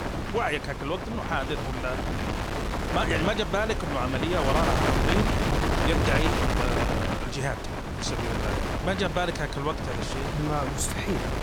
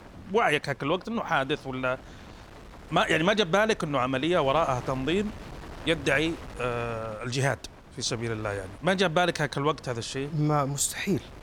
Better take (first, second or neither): second